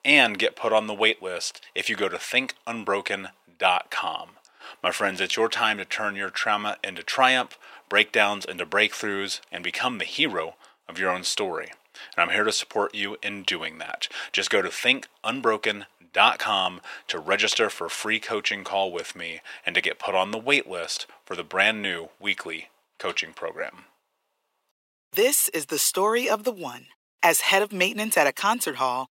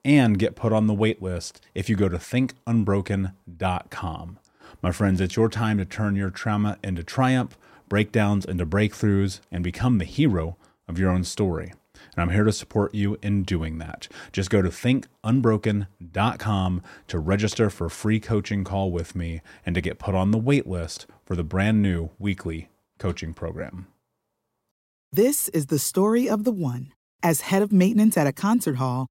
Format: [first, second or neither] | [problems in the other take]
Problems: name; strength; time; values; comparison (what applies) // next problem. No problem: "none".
second | thin; very; fading below 650 Hz